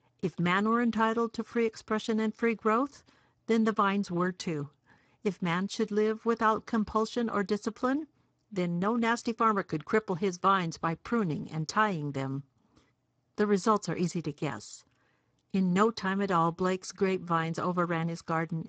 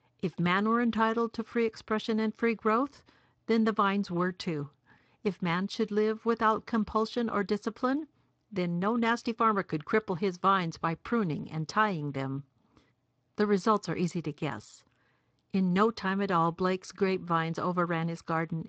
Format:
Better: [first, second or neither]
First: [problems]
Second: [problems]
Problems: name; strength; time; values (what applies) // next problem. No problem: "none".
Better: second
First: garbled, watery; badly; nothing above 7.5 kHz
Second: garbled, watery; slightly; nothing above 7.5 kHz